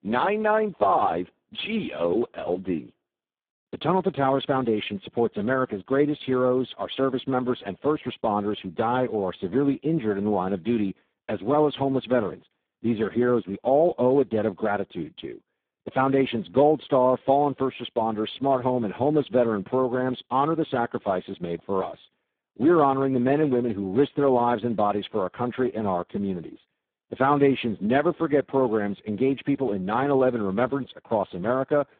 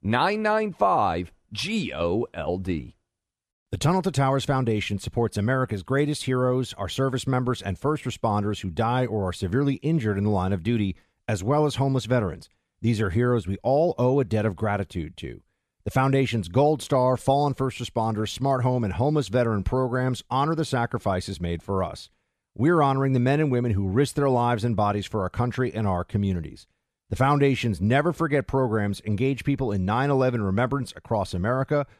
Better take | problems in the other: second | phone-call audio; poor line

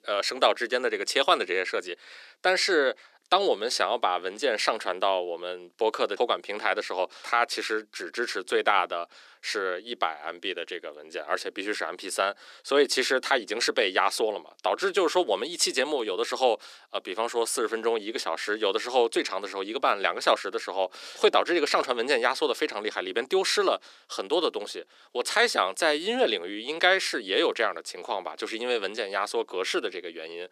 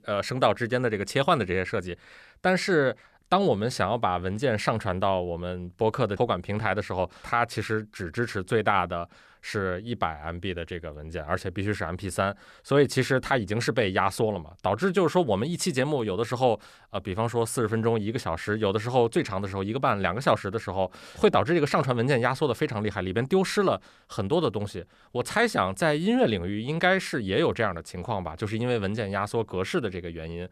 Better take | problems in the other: second | thin; somewhat; fading below 300 Hz

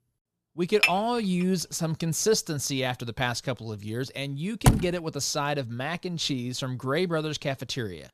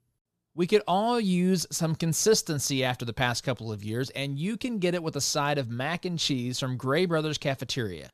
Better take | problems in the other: second | clattering dishes; loud; at 1 s; peak 4 dB above the speech // door banging; loud; at 4.5 s; peak 5 dB above the speech

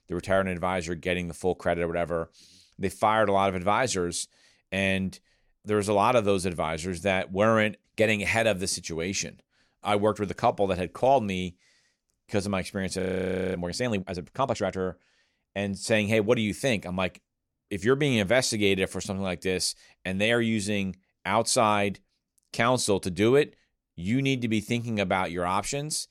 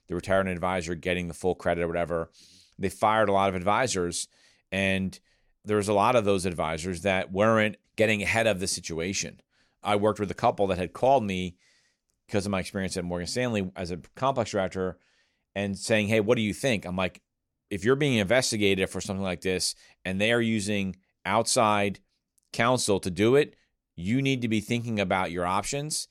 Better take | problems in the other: second | audio freezing; at 13 s for 0.5 s

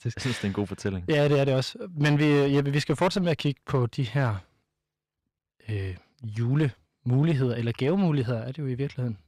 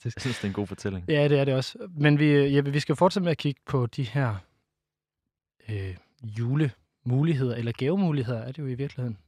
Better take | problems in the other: second | distortion; slight; 8% of the sound clipped

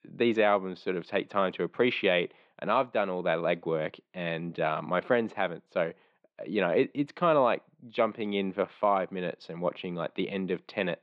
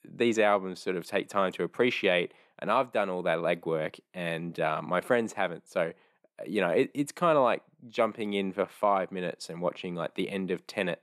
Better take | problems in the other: second | muffled; slightly; fading above 3.5 kHz

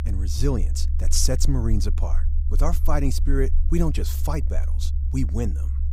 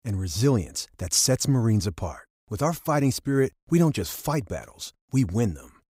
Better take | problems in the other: second | low rumble; noticeable; throughout; 15 dB below the speech

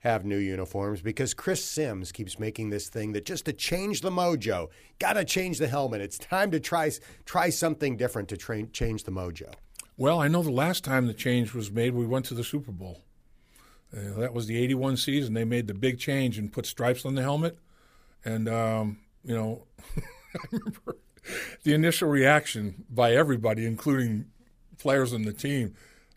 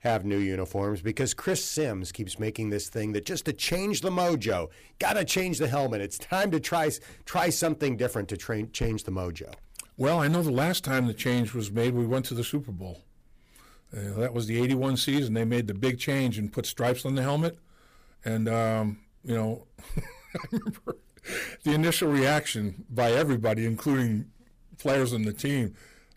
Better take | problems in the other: first | distortion; slight; 6% of the sound clipped

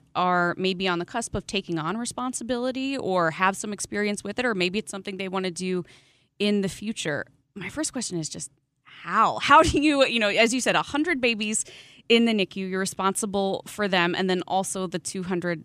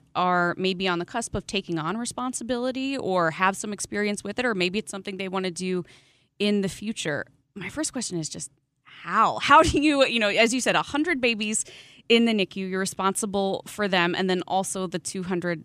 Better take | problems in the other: neither | none

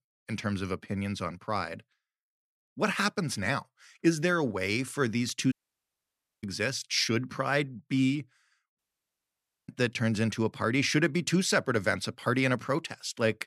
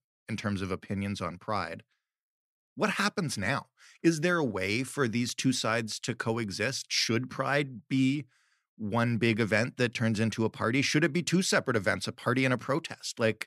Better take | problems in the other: second | audio cutting out; at 5.5 s for 1 s and at 9 s for 1 s

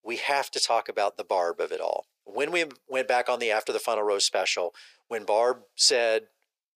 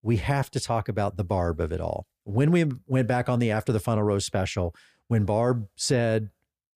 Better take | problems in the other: second | thin; very; fading below 450 Hz

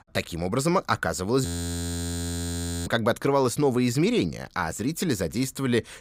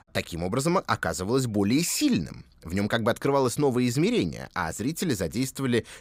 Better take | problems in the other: second | audio freezing; at 1.5 s for 1.5 s

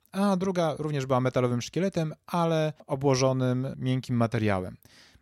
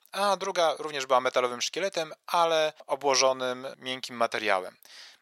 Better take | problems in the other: first | thin; very; fading below 700 Hz

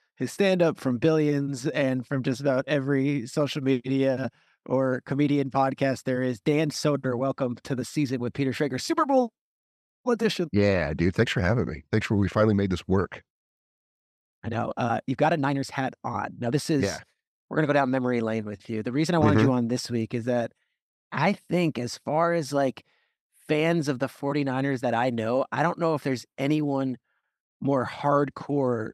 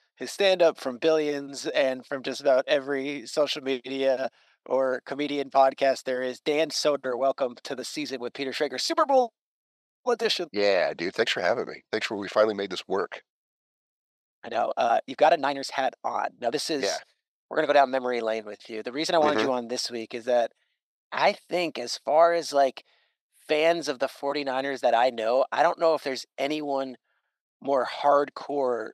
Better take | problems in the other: first | thin; somewhat; fading below 450 Hz

